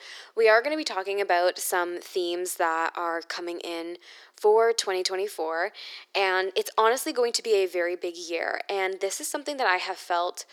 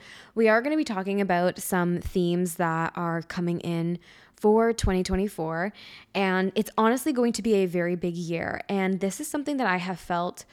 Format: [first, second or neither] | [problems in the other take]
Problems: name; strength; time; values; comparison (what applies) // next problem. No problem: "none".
second | thin; very; fading below 350 Hz